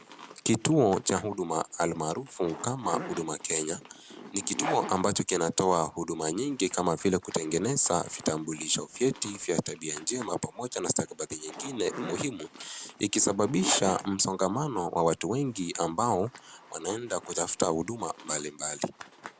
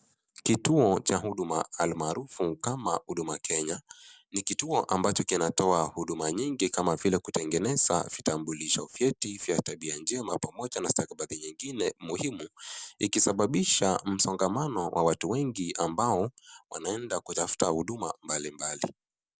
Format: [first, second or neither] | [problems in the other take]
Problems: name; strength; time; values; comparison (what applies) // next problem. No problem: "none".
second | background sound (Zipper (clothing)); 14 dB below the speech